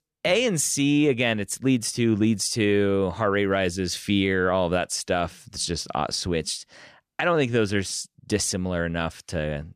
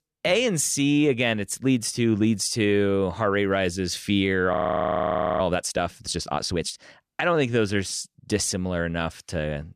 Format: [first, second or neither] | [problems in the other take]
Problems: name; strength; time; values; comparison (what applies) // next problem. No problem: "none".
first | audio freezing; at 4.5 s for 1 s